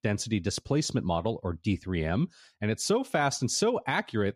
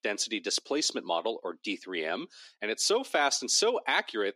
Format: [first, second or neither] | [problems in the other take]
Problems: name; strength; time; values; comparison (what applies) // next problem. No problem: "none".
first | thin; somewhat; fading below 300 Hz